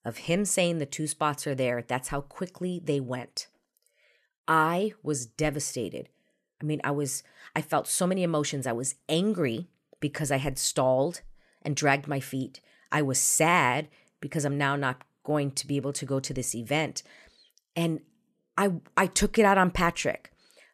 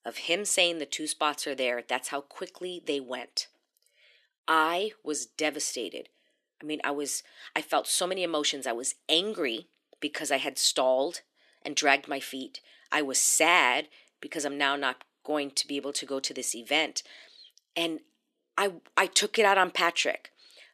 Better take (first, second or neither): first